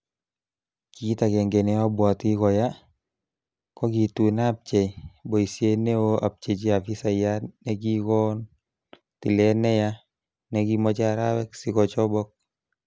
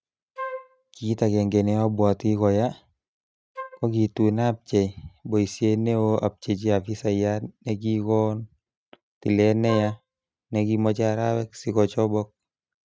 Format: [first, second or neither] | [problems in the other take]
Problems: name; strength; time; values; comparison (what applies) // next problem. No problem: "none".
first | noise reduction (neural mask model RNNoise)